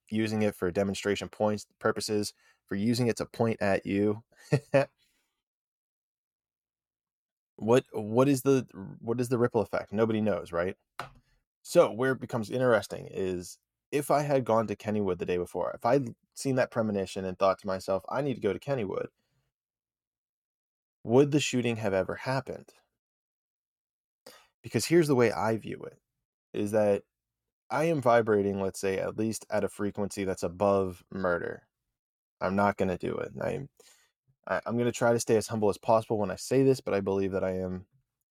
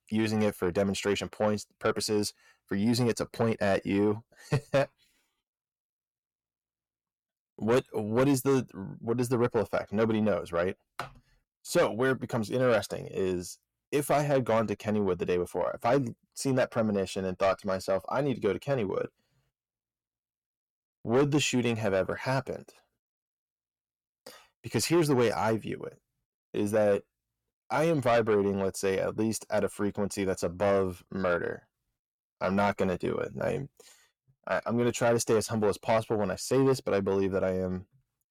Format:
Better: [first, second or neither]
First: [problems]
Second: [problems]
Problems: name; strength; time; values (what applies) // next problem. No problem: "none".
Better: first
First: none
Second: distortion; slight; 10 dB below the speech